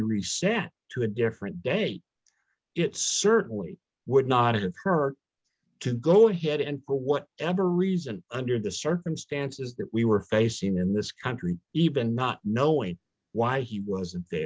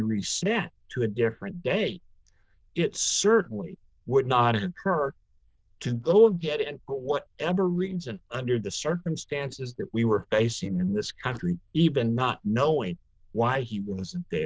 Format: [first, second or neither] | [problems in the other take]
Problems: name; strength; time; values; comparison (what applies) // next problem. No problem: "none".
first | noise reduction (neural diffusion model UNIVERSE++)